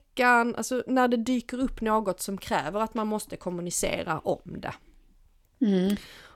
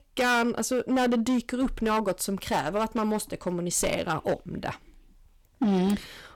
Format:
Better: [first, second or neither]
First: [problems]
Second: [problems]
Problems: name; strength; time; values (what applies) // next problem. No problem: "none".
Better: first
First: none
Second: distortion; heavy; 10% of the sound clipped